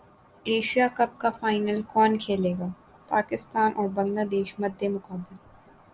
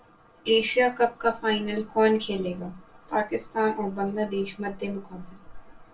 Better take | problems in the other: first | room echo; dies away in 0.2 s

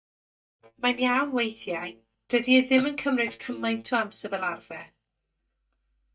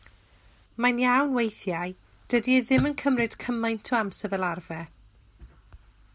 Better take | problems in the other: second | noise reduction (neural mask model DeepFilterNet 3)

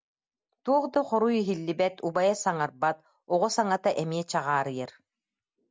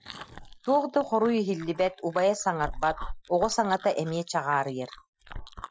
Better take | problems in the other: first | noise reduction (classical method Wiener filter)

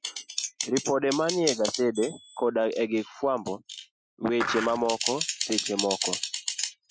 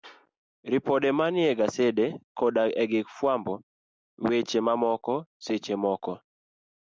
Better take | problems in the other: second | noise reduction (classical method Wiener filter)

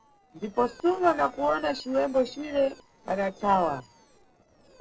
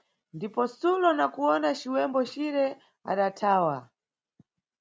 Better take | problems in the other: second | noise reduction (neural separator model SepFormer DNS4)

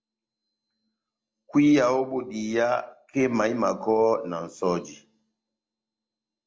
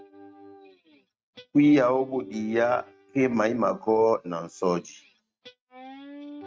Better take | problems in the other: first | noise reduction (neural mask model RNNoise)

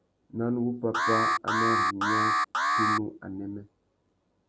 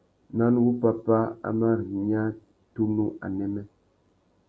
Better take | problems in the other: second | background sound (Alarm); 5 dB above the speech

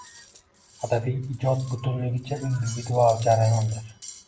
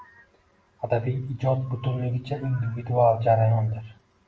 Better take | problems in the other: second | background sound (Cutlery, silverware); 20 dB below the speech

